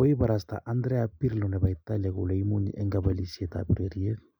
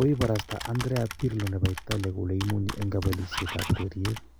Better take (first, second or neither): first